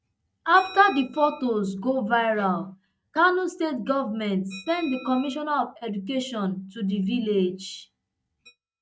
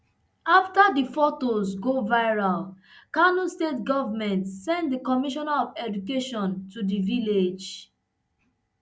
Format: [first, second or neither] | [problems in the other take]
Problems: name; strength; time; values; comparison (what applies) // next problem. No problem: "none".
second | noise reduction (neural mask model RNNoise)